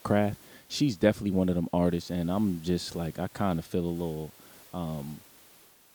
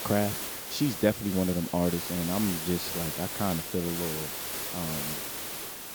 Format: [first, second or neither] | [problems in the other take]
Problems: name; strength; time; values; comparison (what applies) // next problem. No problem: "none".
first | hiss; loud; throughout; 2 dB below the speech; faint in the first